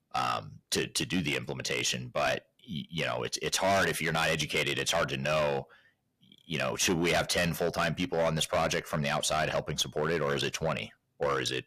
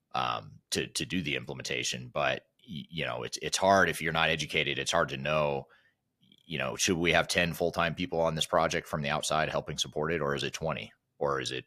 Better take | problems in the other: second | distortion; heavy; 8% of the sound clipped

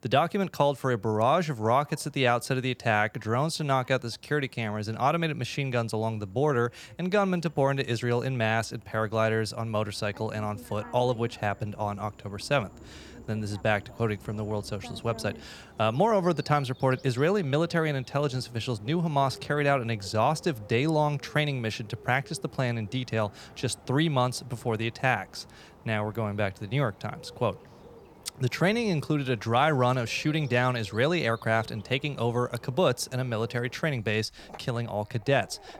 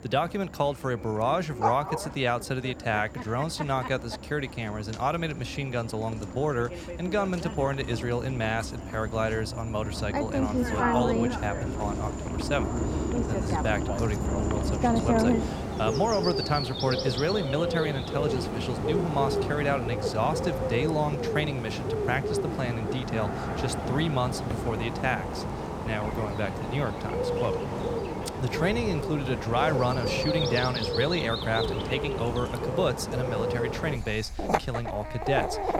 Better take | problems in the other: first | animal sounds; loud; throughout; 1 dB below the speech; faint in the first

